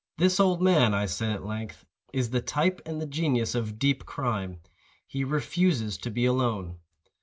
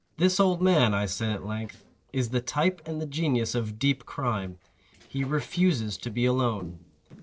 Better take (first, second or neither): first